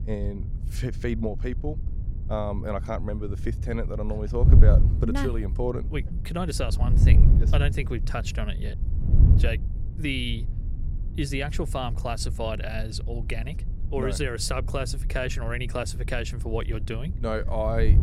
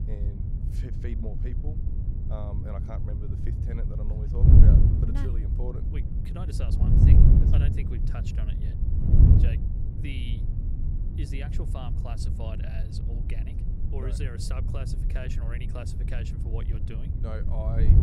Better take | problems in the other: first | wind noise on the microphone; heavy; 3 dB above the speech; occasional gusts in the first

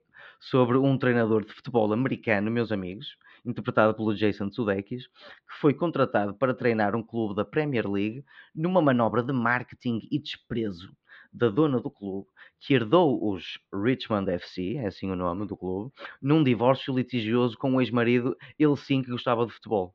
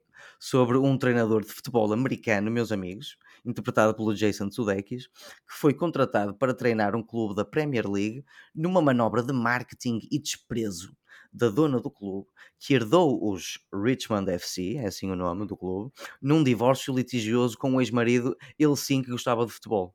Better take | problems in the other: second | muffled; slightly; fading above 4 kHz

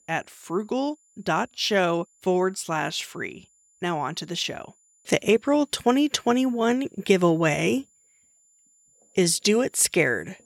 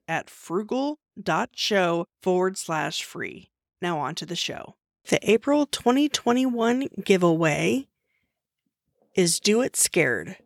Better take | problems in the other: second | high-pitched whine; faint; throughout; 7 kHz, 35 dB below the speech

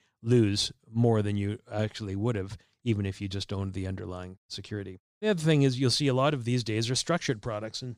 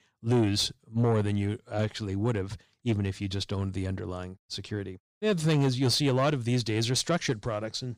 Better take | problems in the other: first | distortion; slight; 10 dB below the speech

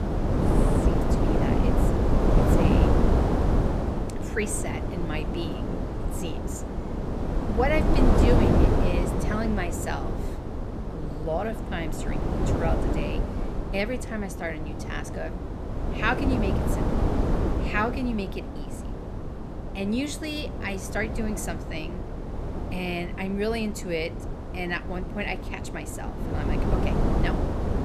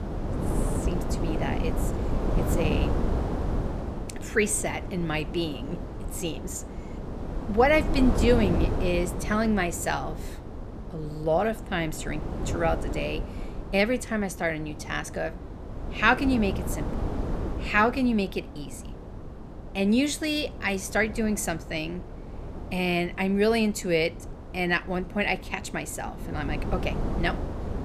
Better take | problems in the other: second | wind noise on the microphone; heavy; 1 dB below the speech; occasional gusts in the second

